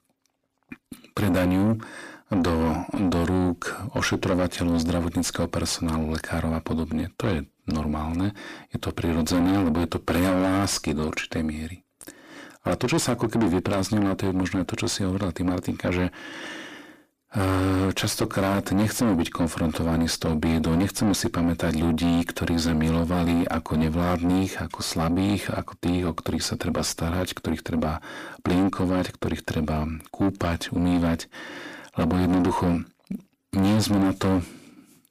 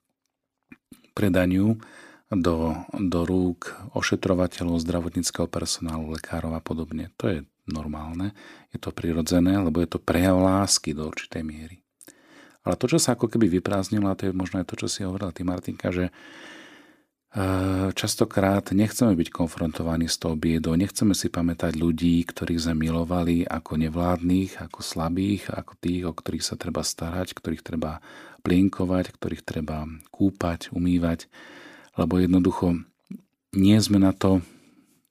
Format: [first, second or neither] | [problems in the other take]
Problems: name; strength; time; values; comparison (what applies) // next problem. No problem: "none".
second | distortion; heavy; 6 dB below the speech